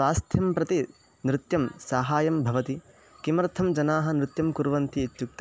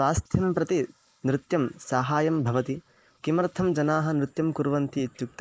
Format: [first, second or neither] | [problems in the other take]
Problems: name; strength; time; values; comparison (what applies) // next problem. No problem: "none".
first | noise reduction (neural mask model Resemble Enhance denoiser)